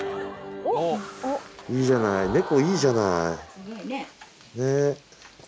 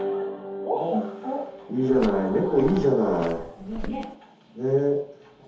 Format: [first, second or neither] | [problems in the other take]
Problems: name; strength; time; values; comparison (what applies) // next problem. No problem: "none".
first | background sound (Walk, footsteps); 12 dB below the speech // room echo; dies away in 0.6 s